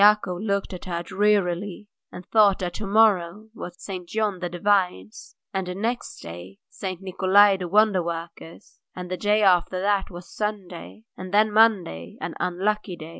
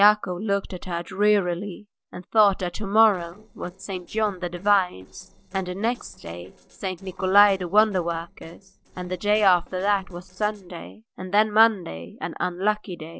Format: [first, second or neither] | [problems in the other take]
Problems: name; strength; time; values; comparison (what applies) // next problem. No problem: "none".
first | noise reduction (neural separator model SepFormer DNS4)